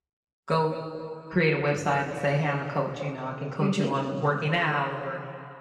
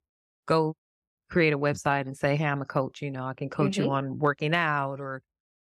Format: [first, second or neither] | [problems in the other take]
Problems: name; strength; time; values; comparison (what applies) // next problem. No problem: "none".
second | room echo; noticeable; dies away in 2.1 s // off-mic speech; far